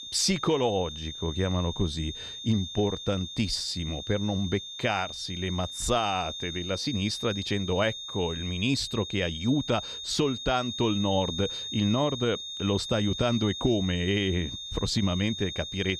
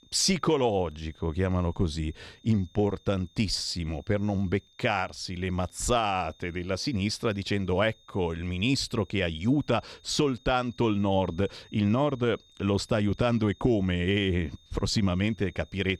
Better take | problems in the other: second | high-pitched whine; loud; throughout; 3.5 kHz, 7 dB below the speech; faint in the second

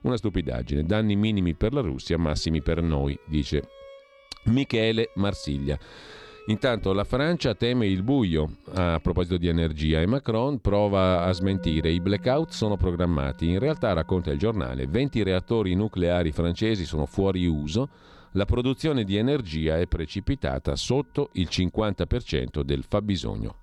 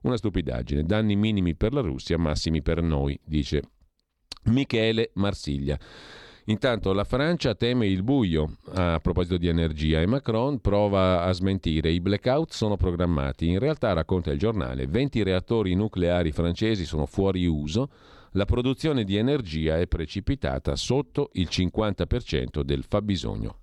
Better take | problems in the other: second | background music; faint; throughout; 20 dB below the speech

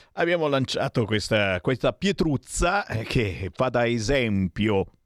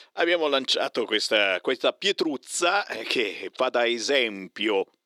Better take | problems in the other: first | thin; somewhat; fading below 300 Hz

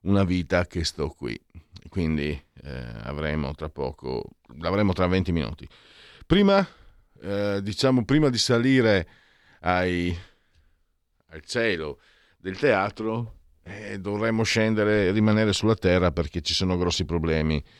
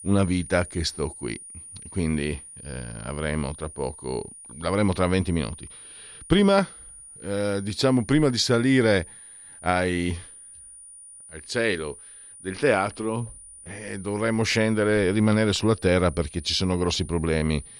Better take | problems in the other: first | high-pitched whine; noticeable; throughout; 9.5 kHz, 15 dB below the speech

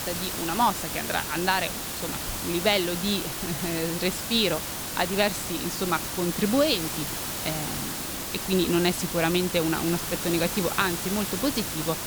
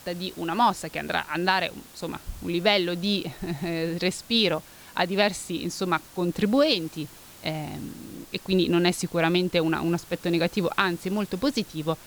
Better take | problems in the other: second | hiss; loud; throughout; 3 dB below the speech; faint in the second

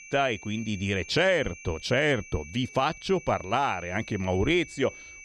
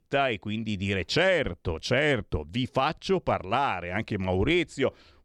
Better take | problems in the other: second | high-pitched whine; noticeable; throughout; 2.5 kHz, 15 dB below the speech

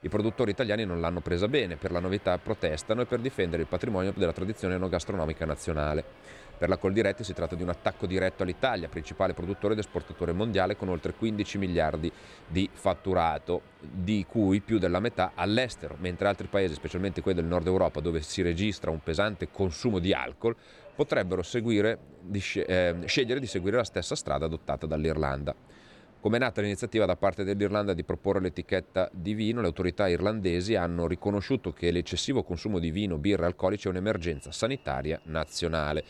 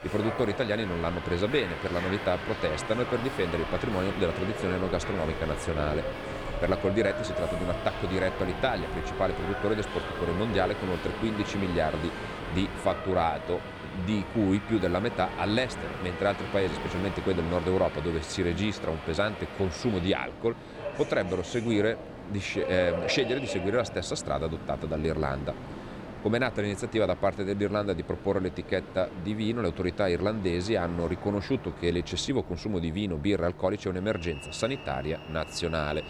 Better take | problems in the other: first | train or aircraft noise; loud; throughout; 7 dB below the speech; faint in the first

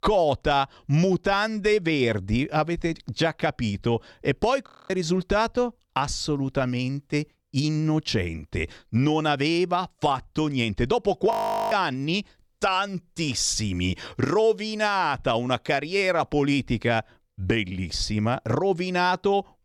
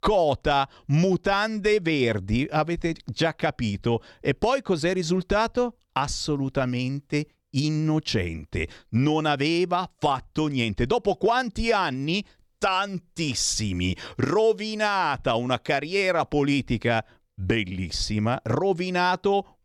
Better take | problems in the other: second | audio freezing; at 4.5 s and at 11 s

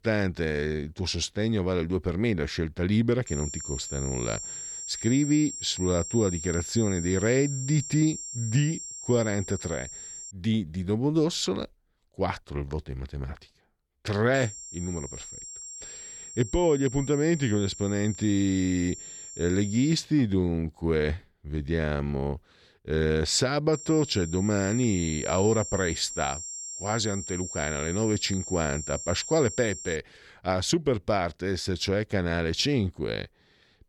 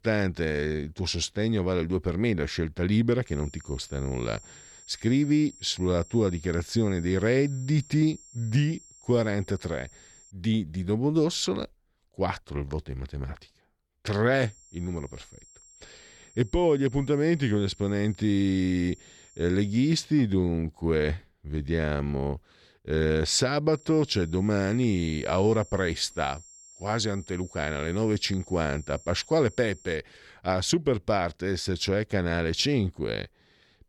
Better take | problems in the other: second | high-pitched whine; loud; from 3.5 to 10 s, from 14 to 20 s and from 24 to 30 s; 7.5 kHz, 9 dB below the speech; faint in the second

